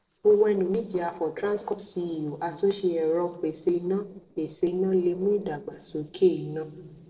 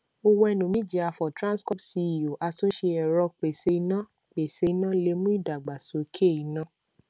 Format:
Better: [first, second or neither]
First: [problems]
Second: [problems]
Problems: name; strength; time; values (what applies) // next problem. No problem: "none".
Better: second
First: noise reduction (neural separator model SepFormer DNS4)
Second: none